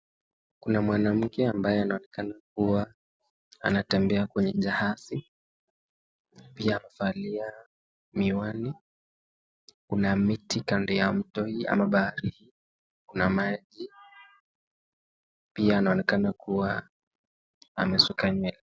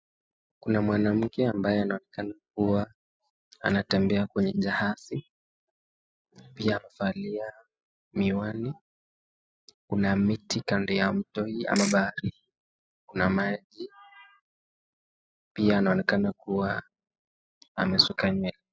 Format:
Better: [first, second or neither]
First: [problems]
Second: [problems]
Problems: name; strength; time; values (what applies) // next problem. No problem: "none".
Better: first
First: none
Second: noise reduction (classical method spectral subtraction)